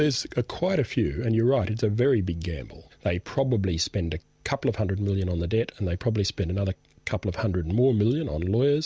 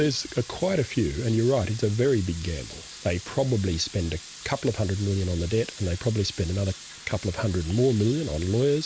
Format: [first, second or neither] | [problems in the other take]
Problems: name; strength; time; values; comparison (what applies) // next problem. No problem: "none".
first | background sound (Sink (filling or washing) / Water tap, faucet); 17 dB below the speech